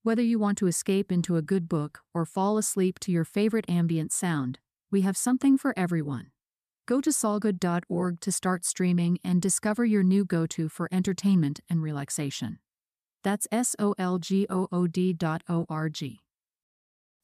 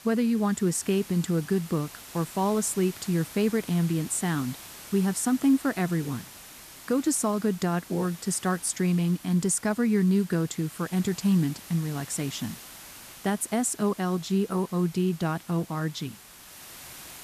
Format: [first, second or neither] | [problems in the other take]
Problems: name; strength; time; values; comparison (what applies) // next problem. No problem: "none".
first | hiss; noticeable; throughout; 15 dB below the speech